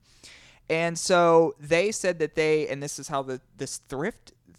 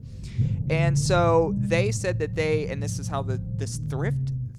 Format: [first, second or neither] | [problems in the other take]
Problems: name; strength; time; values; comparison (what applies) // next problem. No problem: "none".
first | low rumble; noticeable; throughout; 15 dB below the speech